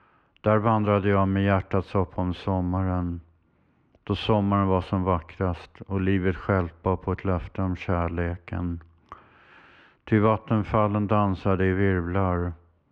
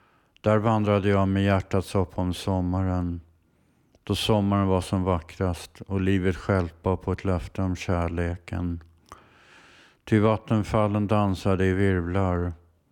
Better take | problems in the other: second | muffled; slightly; fading above 2.5 kHz

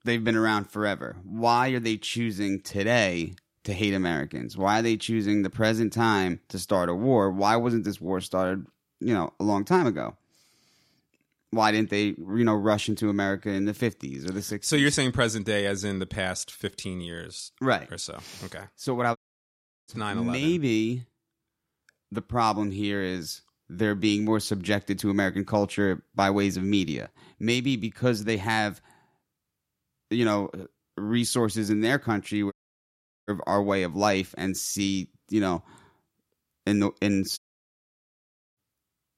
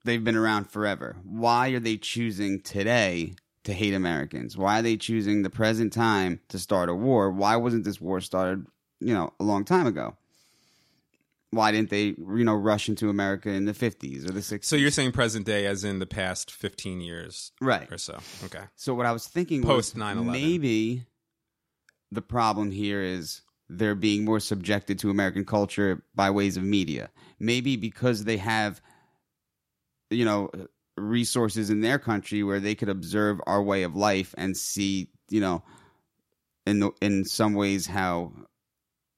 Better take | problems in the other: second | audio cutting out; at 19 s for 0.5 s, at 33 s for 1 s and at 37 s for 1 s

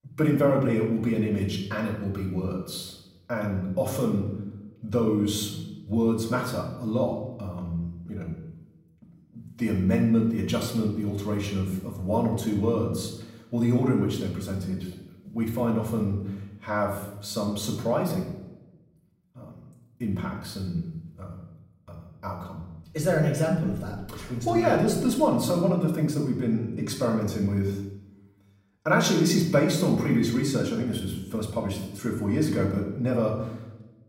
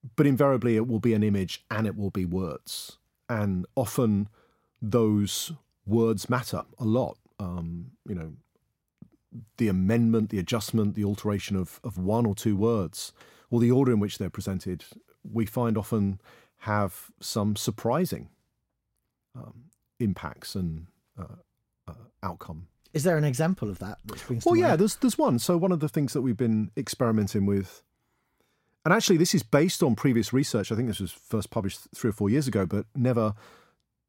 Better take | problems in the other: second | off-mic speech; far // room echo; noticeable; dies away in 0.8 s

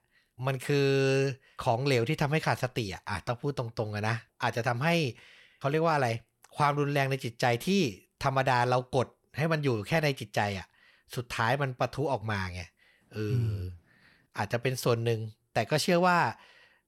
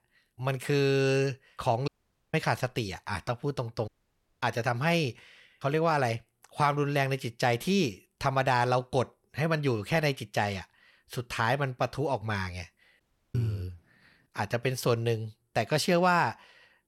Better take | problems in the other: first | audio cutting out; at 2 s, at 4 s for 0.5 s and at 13 s

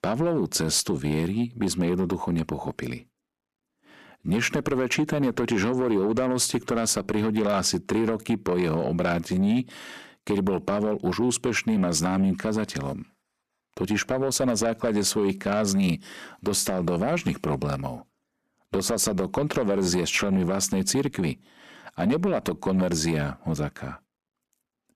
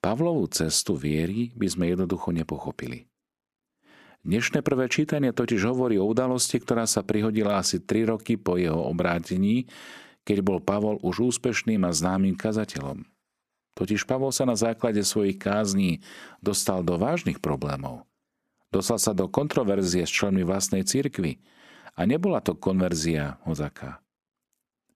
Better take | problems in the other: second | distortion; slight; 10 dB below the speech

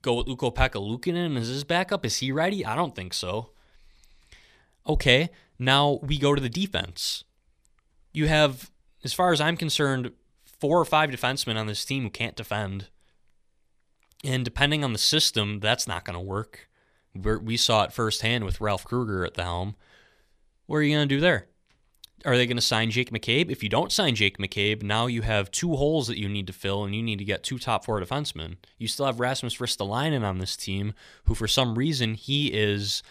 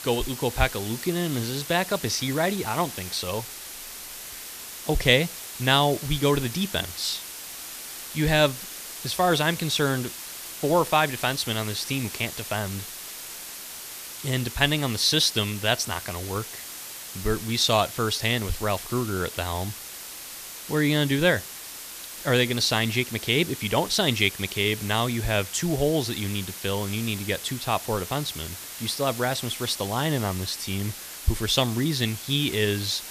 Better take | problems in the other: first | hiss; noticeable; throughout; 10 dB below the speech

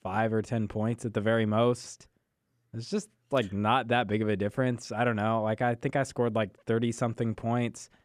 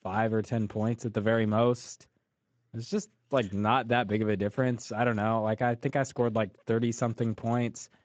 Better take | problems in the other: first | garbled, watery; slightly; nothing above 7.5 kHz

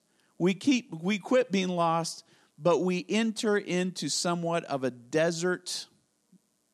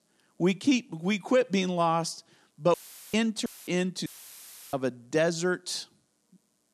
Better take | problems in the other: first | audio cutting out; filled with static; at 2.5 s, at 3.5 s and at 4 s for 0.5 s

